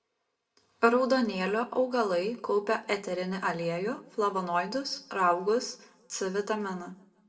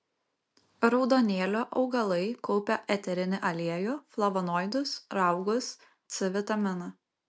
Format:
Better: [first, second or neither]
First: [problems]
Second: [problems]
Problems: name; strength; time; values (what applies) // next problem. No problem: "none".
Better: second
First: room echo; dies away in 0.6 s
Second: none